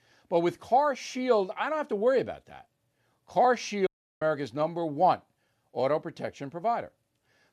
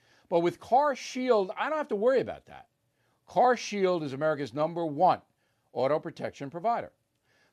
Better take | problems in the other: second | audio cutting out; at 4 s

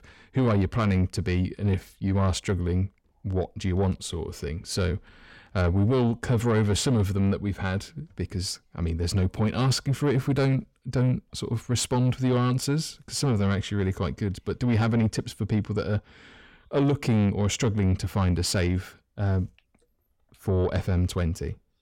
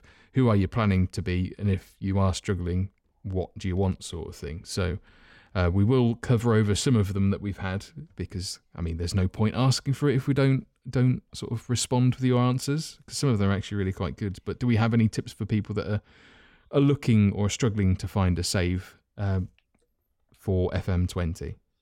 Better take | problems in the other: second | distortion; slight; 10 dB below the speech

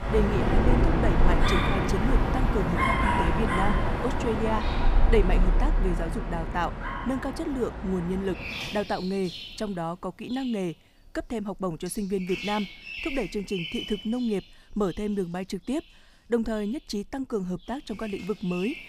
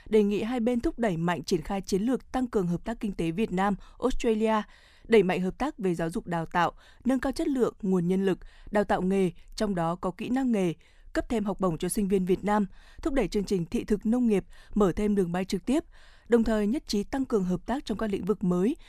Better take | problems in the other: second | animal sounds; very loud; throughout; 2 dB above the speech

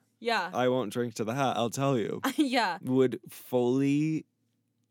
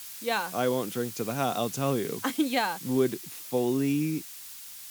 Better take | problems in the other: first | hiss; noticeable; throughout; 10 dB below the speech

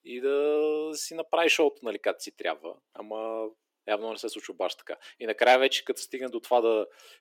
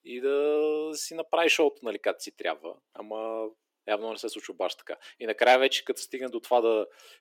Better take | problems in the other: neither | thin; somewhat; fading below 300 Hz; the same in both

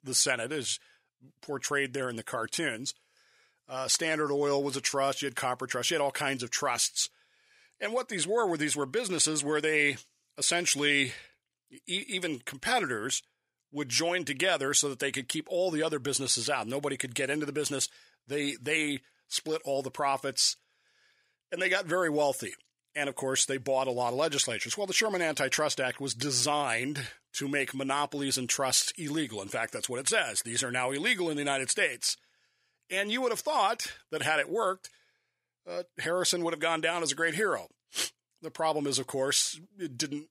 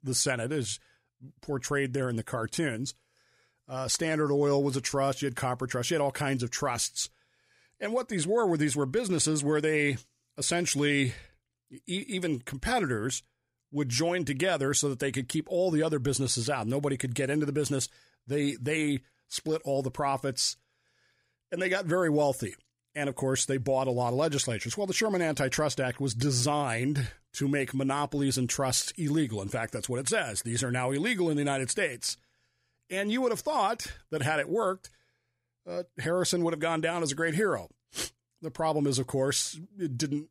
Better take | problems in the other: second | thin; very slightly; fading below 1 kHz

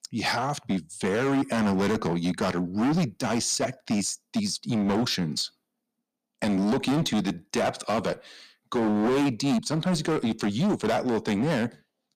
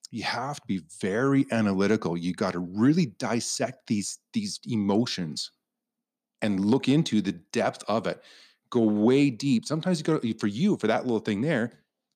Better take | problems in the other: second | distortion; heavy; 18% of the sound clipped

